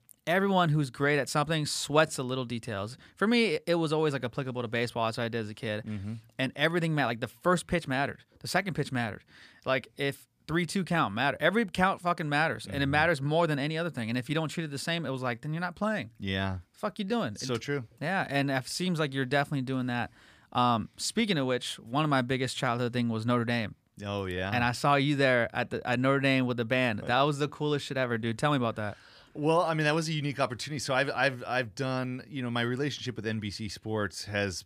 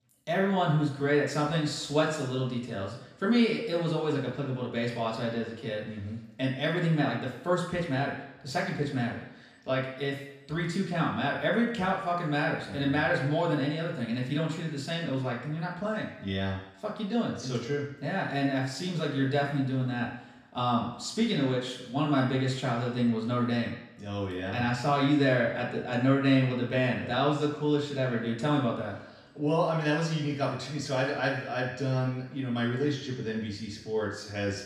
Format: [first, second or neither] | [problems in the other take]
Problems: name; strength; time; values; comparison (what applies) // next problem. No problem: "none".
first | room echo; noticeable; dies away in 0.9 s // off-mic speech; far